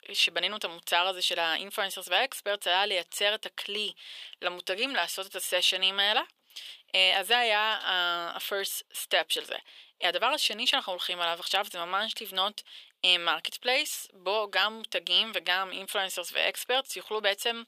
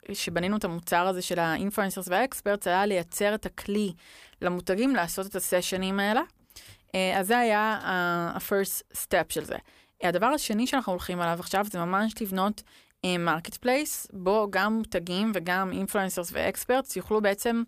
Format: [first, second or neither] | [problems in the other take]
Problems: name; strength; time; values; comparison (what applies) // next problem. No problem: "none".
second | thin; very; fading below 550 Hz